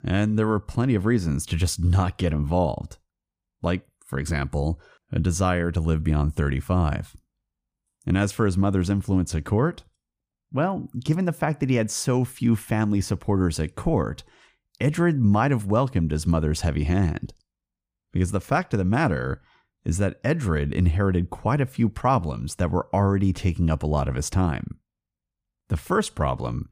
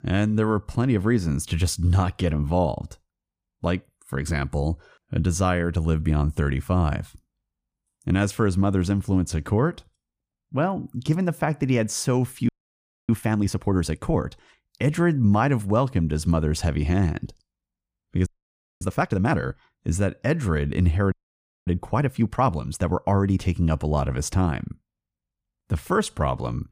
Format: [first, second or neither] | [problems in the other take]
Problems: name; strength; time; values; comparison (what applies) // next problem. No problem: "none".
first | audio freezing; at 12 s for 0.5 s, at 18 s for 0.5 s and at 21 s for 0.5 s